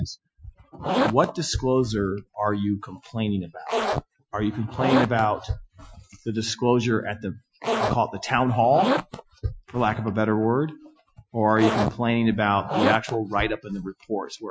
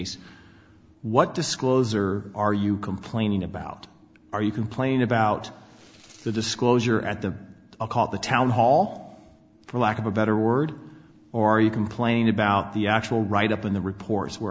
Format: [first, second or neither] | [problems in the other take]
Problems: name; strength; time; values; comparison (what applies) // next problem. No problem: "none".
second | noise reduction (classical method Wiener filter)